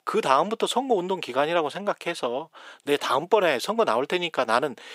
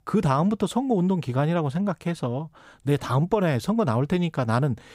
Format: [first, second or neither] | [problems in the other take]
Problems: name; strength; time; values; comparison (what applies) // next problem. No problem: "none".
second | thin; very; fading below 400 Hz